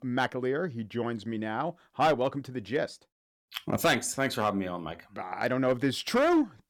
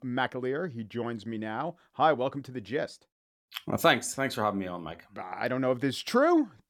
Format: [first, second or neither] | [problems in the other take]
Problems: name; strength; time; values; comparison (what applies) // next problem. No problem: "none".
second | distortion; slight; 3% of the sound clipped